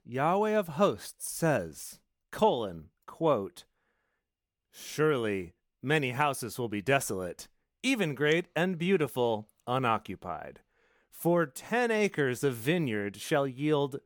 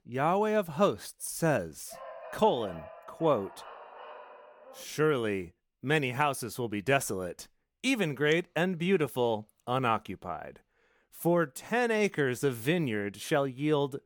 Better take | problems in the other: first | dog barking; faint; from 2 to 5 s; peak 15 dB below the speech

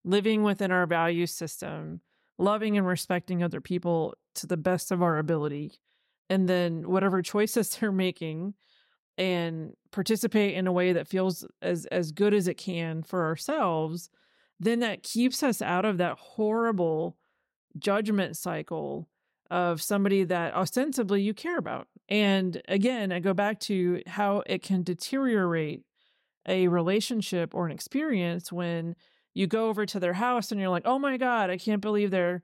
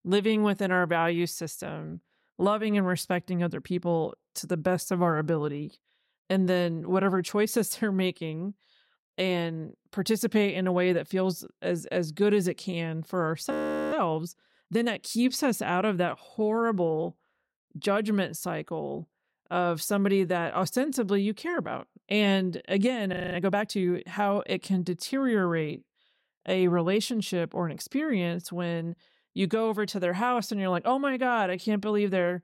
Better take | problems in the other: first | audio freezing; at 14 s and at 23 s

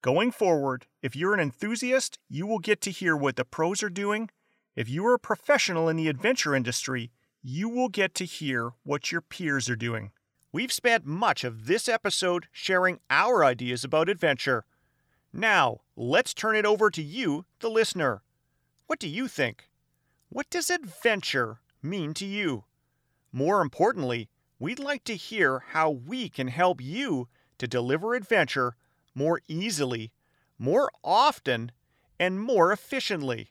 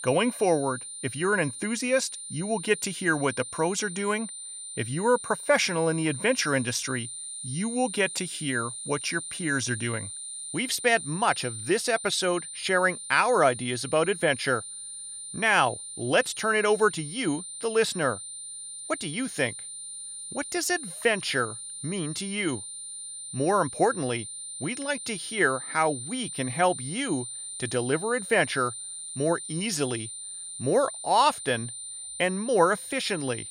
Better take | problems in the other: first | high-pitched whine; loud; throughout; 9 kHz, 9 dB below the speech

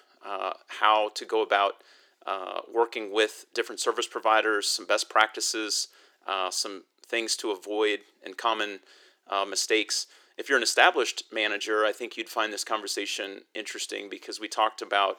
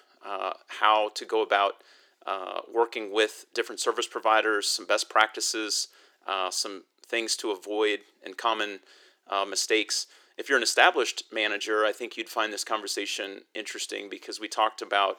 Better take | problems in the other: neither | thin; very; fading below 350 Hz; the same in both

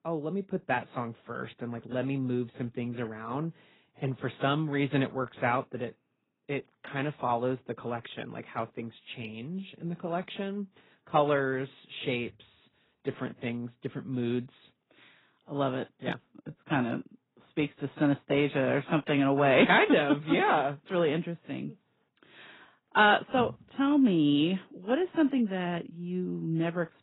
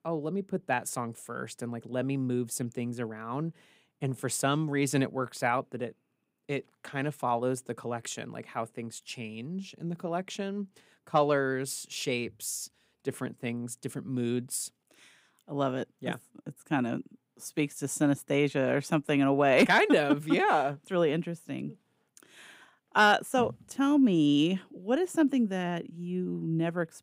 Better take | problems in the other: second | garbled, watery; badly; nothing above 4 kHz

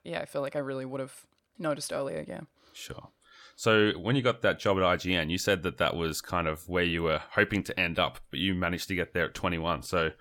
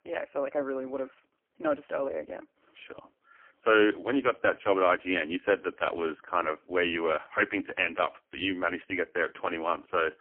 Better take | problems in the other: first | phone-call audio; poor line; nothing above 3 kHz

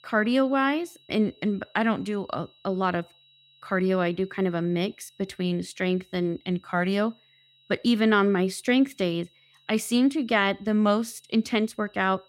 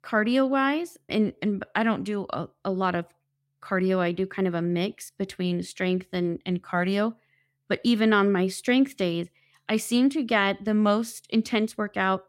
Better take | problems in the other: second | high-pitched whine; faint; throughout; 4 kHz, 30 dB below the speech

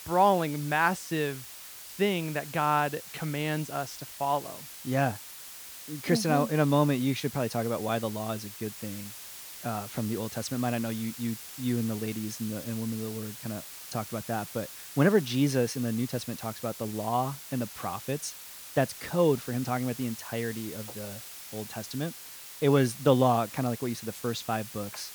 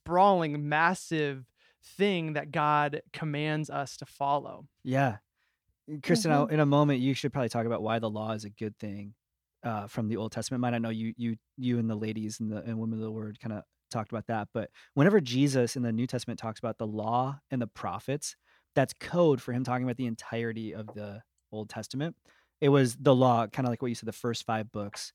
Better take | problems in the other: second | hiss; noticeable; throughout; 10 dB below the speech

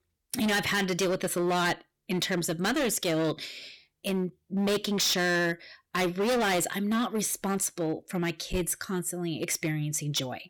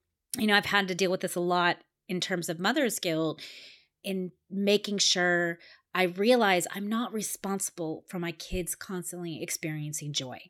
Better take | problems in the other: second | distortion; heavy; 16% of the sound clipped

